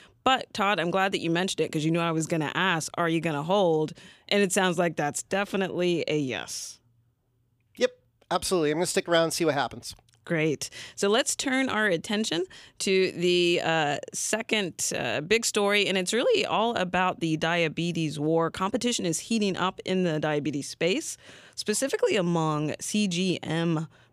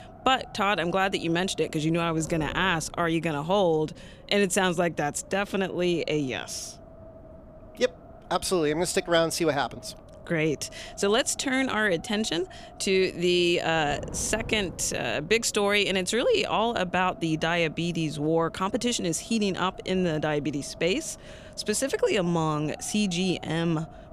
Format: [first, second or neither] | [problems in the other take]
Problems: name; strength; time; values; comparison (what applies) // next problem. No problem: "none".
first | wind noise on the microphone; occasional gusts; 20 dB below the speech